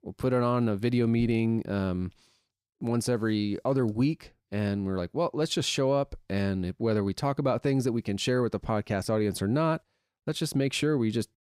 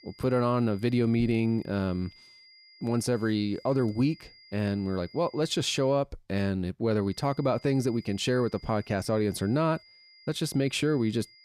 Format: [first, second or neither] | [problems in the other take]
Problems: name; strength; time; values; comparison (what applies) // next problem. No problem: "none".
first | high-pitched whine; faint; until 6 s and from 7 s on; 5 kHz, 25 dB below the speech